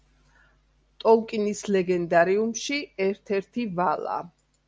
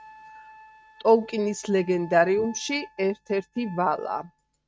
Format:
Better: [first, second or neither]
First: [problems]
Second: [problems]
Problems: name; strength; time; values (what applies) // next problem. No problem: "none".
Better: first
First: none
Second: noise reduction (neural mask model RNNoise)